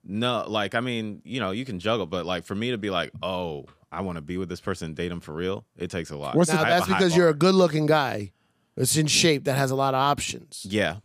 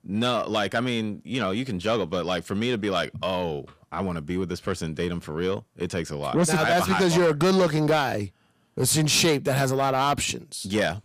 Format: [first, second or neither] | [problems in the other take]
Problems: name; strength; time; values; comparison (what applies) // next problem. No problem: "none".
first | distortion; slight; 10 dB below the speech